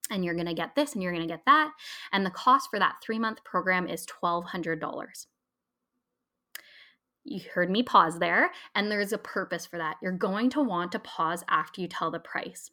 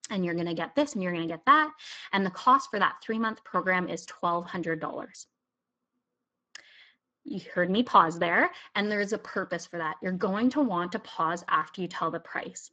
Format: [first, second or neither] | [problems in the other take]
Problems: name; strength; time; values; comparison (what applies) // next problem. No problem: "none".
first | garbled, watery; badly; nothing above 7.5 kHz